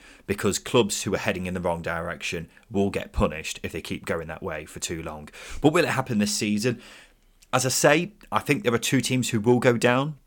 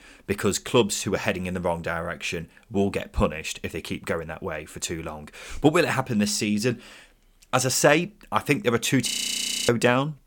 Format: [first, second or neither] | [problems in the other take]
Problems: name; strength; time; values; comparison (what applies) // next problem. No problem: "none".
first | audio freezing; at 9 s for 0.5 s